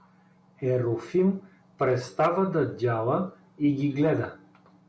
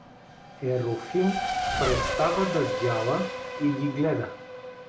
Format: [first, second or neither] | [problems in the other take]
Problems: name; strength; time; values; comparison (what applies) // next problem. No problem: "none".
first | background sound (Race car, auto racing / Accelerating, revving, vroom); 3 dB below the speech